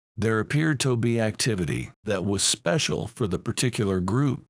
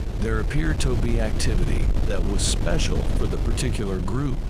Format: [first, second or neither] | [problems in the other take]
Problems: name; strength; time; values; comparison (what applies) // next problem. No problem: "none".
first | wind noise on the microphone; heavy; 6 dB below the speech